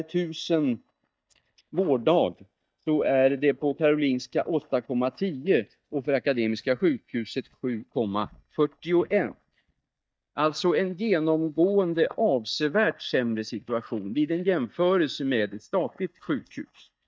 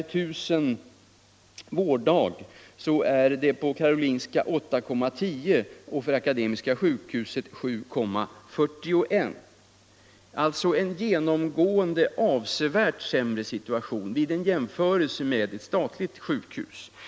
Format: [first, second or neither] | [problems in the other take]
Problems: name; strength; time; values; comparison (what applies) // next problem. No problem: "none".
second | noise reduction (neural mask model DeepFilterNet 3)